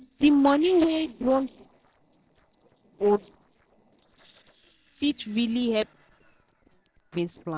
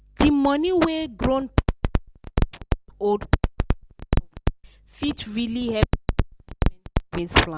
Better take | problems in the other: second | noise reduction (neural separator model SepFormer DNS4)

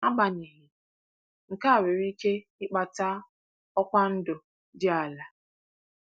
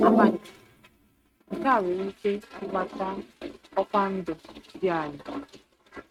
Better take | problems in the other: first | noise reduction (neural mask model RNNoise)

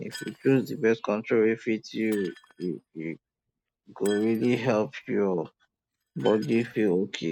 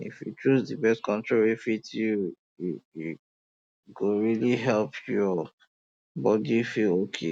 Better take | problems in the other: second | noise reduction (neural mask model RNNoise)

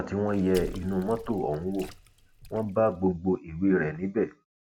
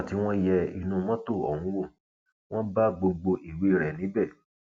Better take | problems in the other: second | background sound (Water / Splash, splatter); 16 dB below the speech

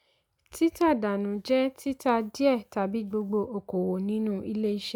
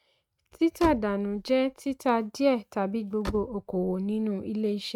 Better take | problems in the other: first | noise reduction (neural mask model RNNoise)

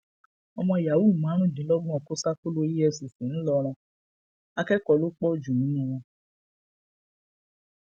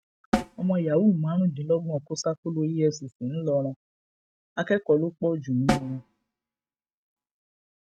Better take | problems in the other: first | noise reduction (neural mask model RNNoise)

